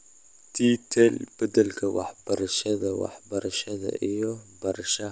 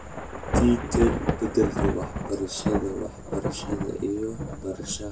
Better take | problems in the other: first | background sound (Thunder / Rain); 1 dB below the speech // room echo; dies away in 0.2 s

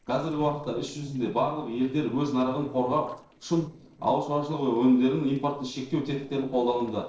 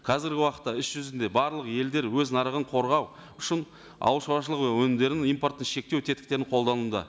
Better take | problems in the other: second | noise reduction (neural separator model SepFormer DNS4)

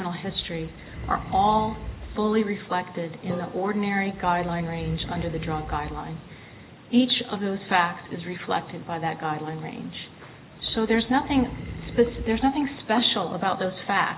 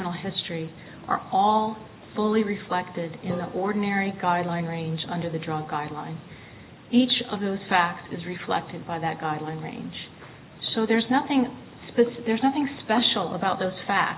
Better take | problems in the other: second | background sound (Animal); 12 dB below the speech

